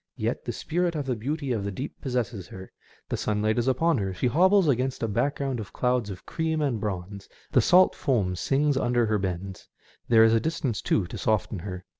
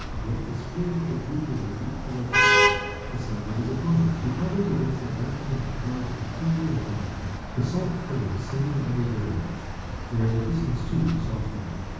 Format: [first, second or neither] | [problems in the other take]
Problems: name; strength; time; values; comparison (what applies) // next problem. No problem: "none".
first | background sound (Traffic noise, roadway noise / Vehicle horn, car horn, honking); 2 dB below the speech // room echo; dies away in 1.2 s